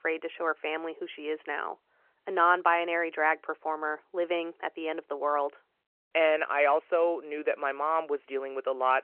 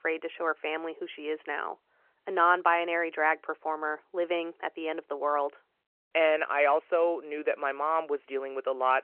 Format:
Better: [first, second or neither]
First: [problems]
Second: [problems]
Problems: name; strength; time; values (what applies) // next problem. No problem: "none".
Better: neither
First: phone-call audio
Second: phone-call audio